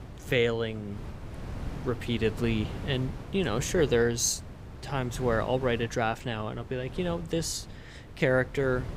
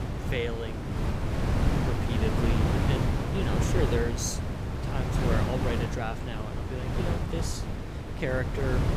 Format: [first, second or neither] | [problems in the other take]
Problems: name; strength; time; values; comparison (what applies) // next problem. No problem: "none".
first | wind noise on the microphone; heavy; as loud as the speech; occasional gusts in the first